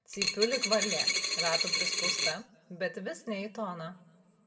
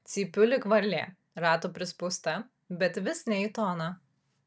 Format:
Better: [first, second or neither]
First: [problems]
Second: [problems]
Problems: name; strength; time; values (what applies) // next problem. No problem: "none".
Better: second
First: background sound (Coin (dropping)); 5 dB above the speech // room echo; dies away in 0.8 s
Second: none